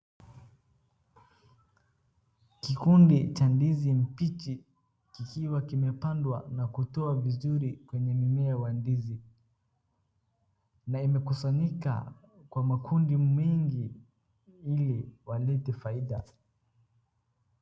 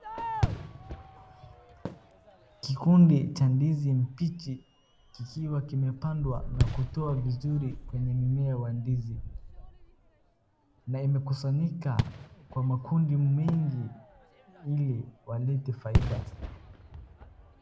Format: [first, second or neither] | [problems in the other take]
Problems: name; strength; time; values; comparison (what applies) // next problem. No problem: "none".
first | background sound (Fireworks); 8 dB below the speech